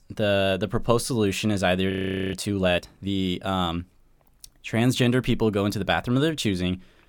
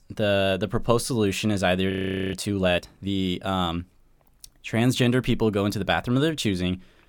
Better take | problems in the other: neither | audio freezing; at 2 s; the same in both

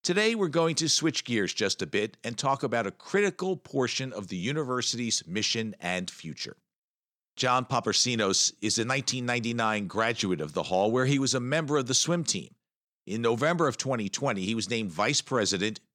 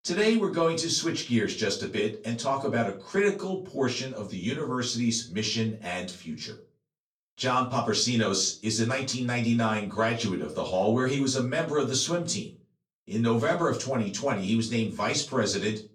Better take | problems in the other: first | off-mic speech; far // room echo; very slight; dies away in 0.3 s

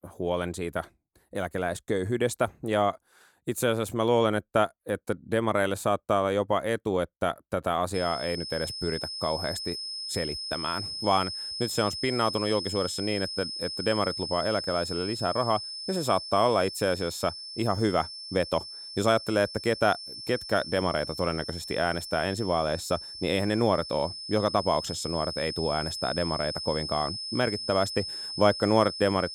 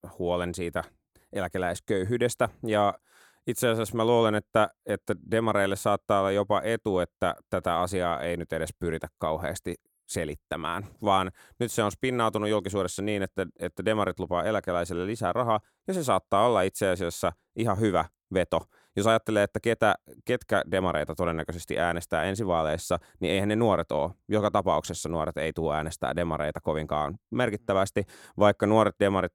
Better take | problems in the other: second | high-pitched whine; loud; from 8 s on; 5 kHz, 6 dB below the speech

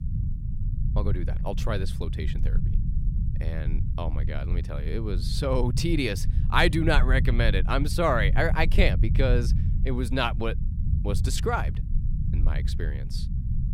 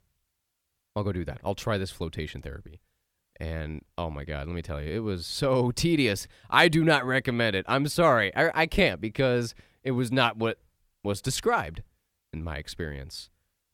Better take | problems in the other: second | low rumble; noticeable; throughout; 15 dB below the speech

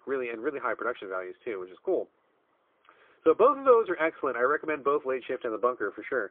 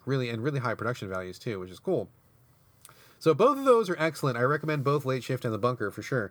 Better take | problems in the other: second | phone-call audio; poor line; nothing above 3.5 kHz

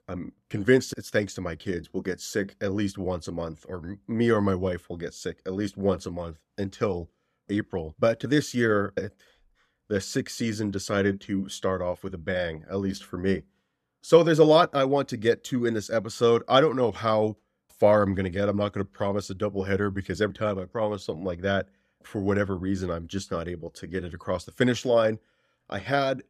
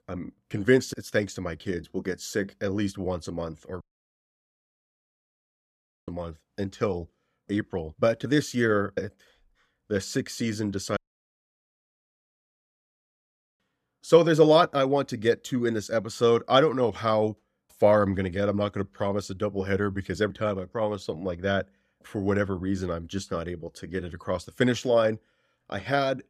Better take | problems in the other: first | audio cutting out; at 4 s for 2.5 s and at 11 s for 2.5 s

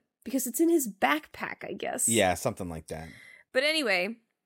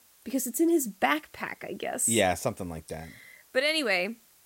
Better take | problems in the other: first | hiss; faint; throughout; 30 dB below the speech

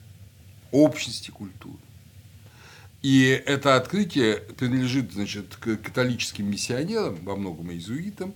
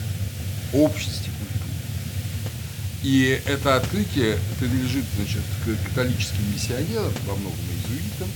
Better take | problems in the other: first | hiss; loud; throughout; 3 dB below the speech; faint in the first

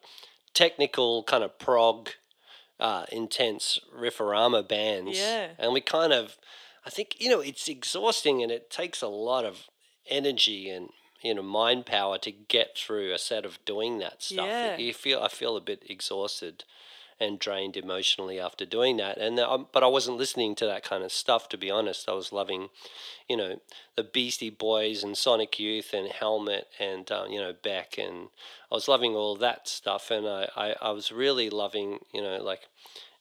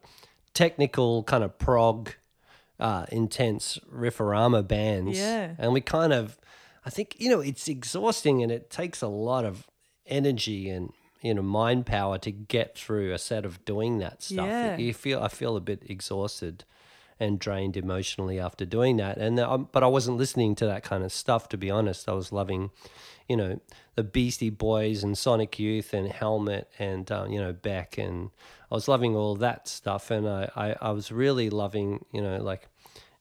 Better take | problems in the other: second | thin; somewhat; fading below 450 Hz

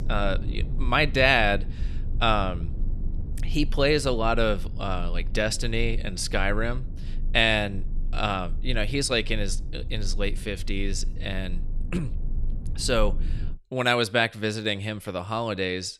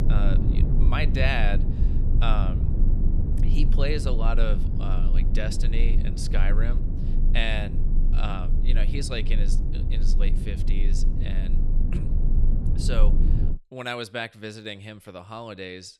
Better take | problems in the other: first | low rumble; loud; until 14 s; 8 dB below the speech; faint in the first

